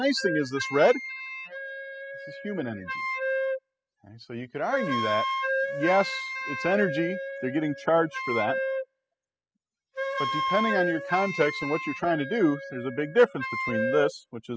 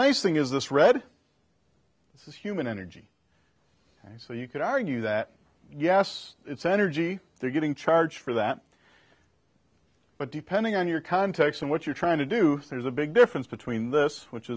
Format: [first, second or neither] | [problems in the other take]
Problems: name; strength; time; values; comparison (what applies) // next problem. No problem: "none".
second | noise reduction (classical method spectral subtraction)